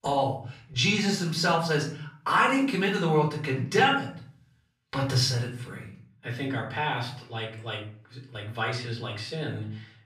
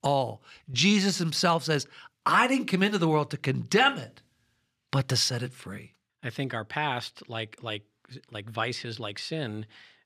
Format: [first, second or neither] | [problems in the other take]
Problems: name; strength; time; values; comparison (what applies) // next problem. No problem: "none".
second | off-mic speech; far // room echo; slight; dies away in 0.5 s